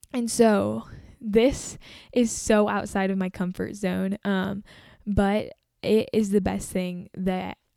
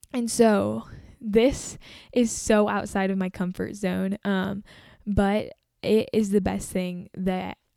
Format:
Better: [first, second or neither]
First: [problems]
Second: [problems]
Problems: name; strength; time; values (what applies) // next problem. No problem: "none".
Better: neither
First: none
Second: none